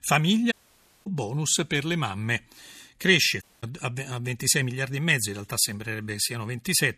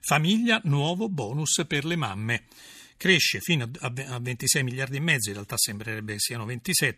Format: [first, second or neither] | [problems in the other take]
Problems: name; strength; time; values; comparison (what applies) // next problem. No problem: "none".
second | audio cutting out; at 0.5 s for 0.5 s and at 3.5 s